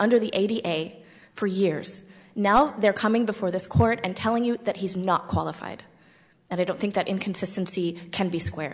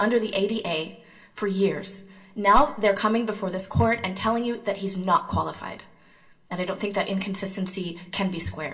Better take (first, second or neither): first